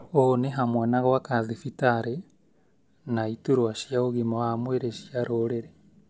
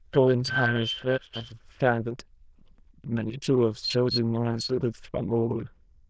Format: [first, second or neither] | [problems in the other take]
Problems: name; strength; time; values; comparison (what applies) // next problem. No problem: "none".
first | noise reduction (neural diffusion model UNIVERSE++)